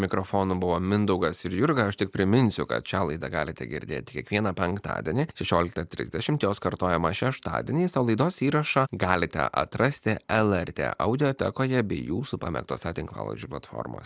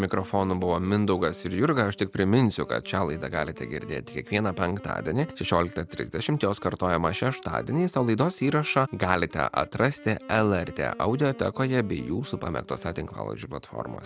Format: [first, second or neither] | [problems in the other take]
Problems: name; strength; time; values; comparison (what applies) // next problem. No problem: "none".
first | background sound (Wind instrument, woodwind instrument); 19 dB below the speech